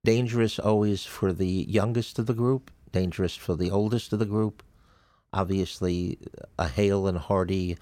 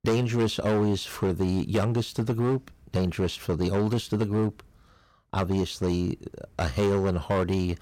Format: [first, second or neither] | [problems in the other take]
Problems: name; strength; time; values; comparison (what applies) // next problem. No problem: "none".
first | distortion; slight; 10% of the sound clipped